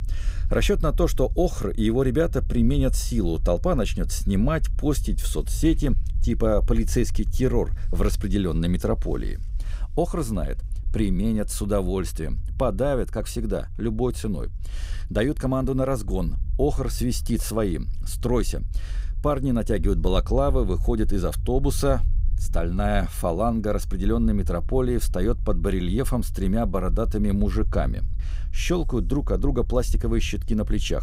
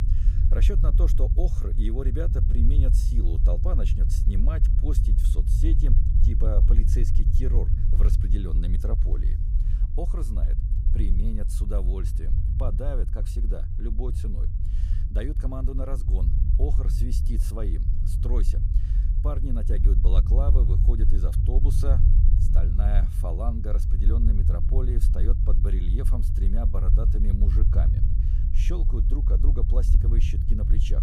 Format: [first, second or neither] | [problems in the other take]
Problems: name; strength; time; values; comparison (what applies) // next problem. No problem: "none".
first | low rumble; loud; throughout; 4 dB below the speech; faint in the first